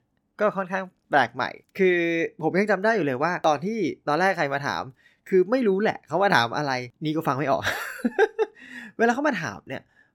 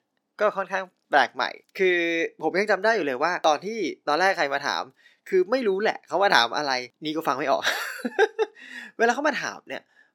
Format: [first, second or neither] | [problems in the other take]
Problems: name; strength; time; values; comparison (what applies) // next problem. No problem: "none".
first | thin; very slightly; fading below 350 Hz